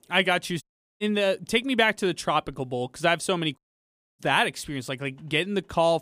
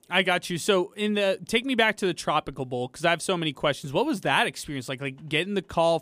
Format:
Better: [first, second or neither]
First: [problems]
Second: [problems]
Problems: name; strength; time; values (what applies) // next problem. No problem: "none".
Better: second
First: audio cutting out; at 0.5 s and at 3.5 s for 0.5 s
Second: none